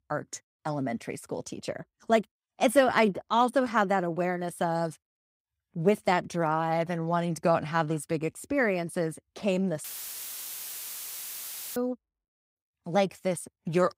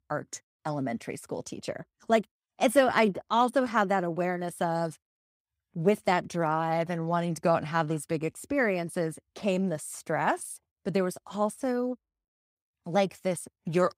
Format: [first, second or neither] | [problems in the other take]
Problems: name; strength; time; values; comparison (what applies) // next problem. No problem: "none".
second | audio cutting out; filled with static; at 10 s for 2 s